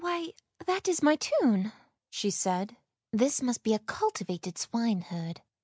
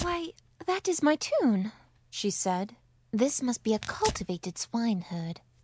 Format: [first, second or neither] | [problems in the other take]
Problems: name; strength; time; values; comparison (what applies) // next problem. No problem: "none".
first | background sound (Tearing); 15 dB below the speech